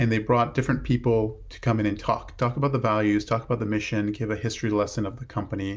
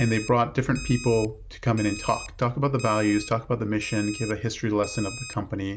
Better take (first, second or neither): first